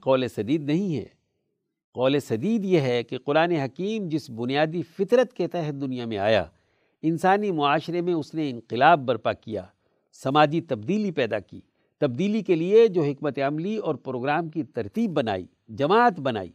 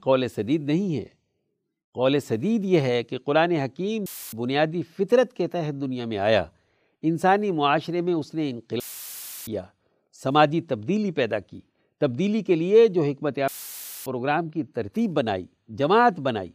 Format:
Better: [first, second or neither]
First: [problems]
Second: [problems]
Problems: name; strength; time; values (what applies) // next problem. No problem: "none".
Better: first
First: none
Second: audio cutting out; filled with static; at 4 s, at 9 s for 0.5 s and at 13 s for 0.5 s